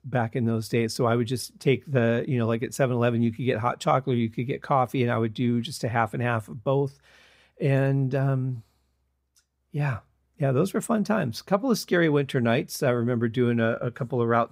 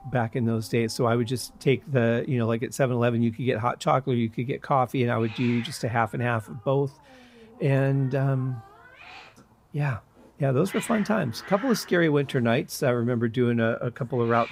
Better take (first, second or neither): first